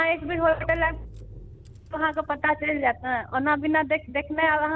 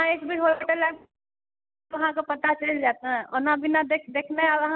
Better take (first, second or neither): second